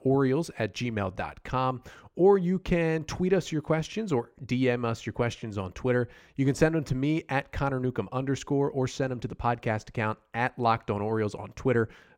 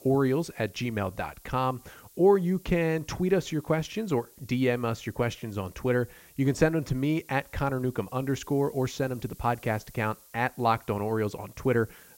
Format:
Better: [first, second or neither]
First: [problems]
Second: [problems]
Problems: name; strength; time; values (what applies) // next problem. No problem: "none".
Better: first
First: none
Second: hiss; faint; throughout; 25 dB below the speech